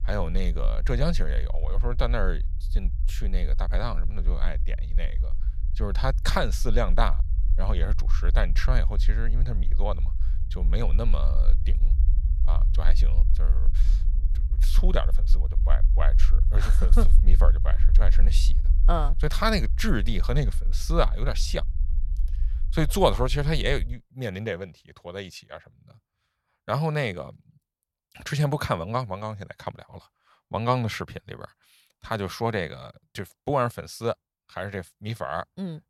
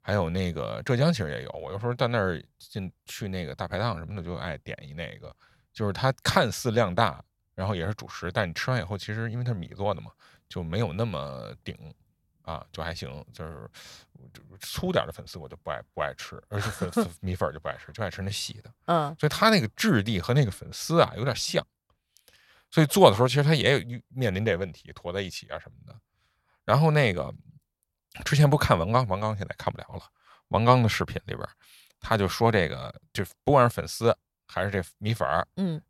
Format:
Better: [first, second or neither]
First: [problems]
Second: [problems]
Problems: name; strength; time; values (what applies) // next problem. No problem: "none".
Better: second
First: low rumble; noticeable; until 24 s; 20 dB below the speech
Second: none